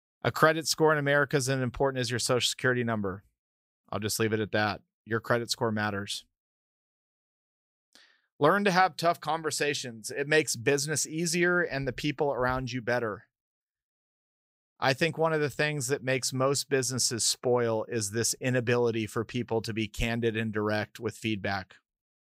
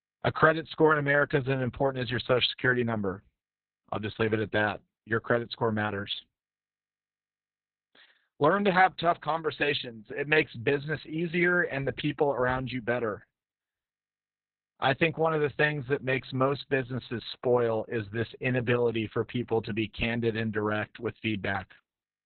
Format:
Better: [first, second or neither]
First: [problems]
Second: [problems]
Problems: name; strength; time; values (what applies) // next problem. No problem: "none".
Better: first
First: none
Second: garbled, watery; badly; nothing above 4 kHz